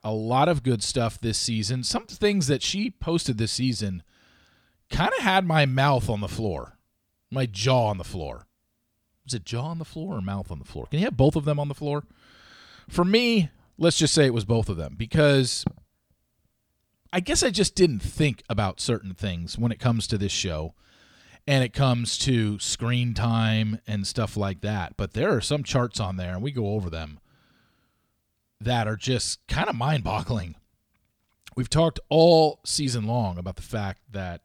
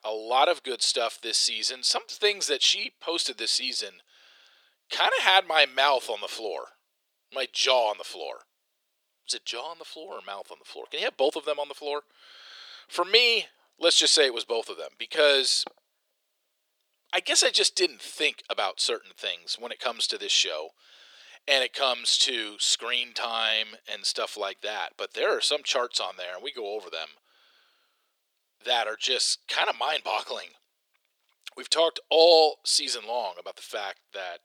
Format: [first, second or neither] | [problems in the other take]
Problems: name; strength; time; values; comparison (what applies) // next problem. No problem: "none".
first | thin; very; fading below 400 Hz